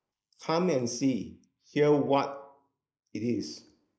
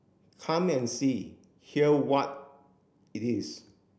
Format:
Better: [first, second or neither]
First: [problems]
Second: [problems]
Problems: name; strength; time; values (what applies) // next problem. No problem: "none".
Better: second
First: noise reduction (neural mask model Resemble Enhance denoiser)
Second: none